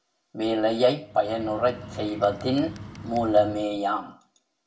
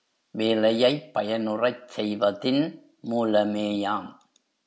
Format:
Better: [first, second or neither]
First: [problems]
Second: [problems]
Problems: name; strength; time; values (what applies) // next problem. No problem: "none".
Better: second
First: background sound (Bird); 14 dB below the speech // room echo; dies away in 0.2 s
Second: none